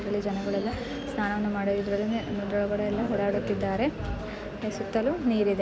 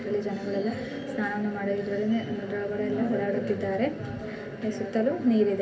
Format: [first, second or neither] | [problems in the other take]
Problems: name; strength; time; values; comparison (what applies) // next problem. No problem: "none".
first | room echo; dies away in 0.3 s